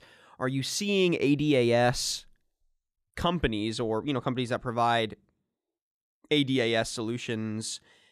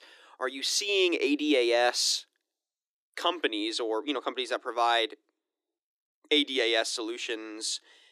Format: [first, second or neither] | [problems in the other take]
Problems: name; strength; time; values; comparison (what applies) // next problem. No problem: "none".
first | thin; somewhat; fading below 300 Hz